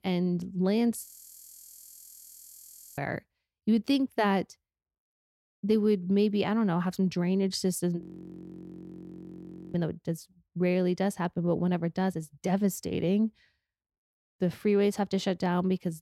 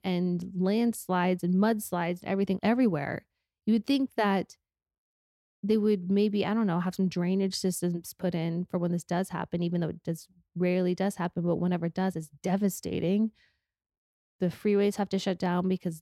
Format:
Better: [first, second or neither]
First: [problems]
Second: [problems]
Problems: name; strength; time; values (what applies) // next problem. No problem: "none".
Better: second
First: audio freezing; at 1 s for 2 s and at 8 s for 1.5 s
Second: none